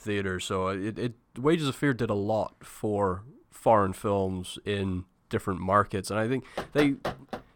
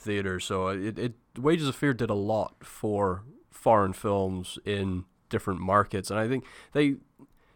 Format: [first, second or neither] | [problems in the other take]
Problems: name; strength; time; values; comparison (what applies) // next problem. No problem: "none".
second | door banging; noticeable; at 6.5 s; peak 5 dB below the speech